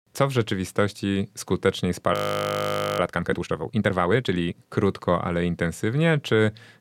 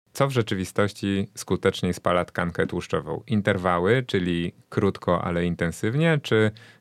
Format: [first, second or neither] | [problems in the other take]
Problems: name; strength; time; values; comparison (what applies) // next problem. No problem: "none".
second | audio freezing; at 2 s for 1 s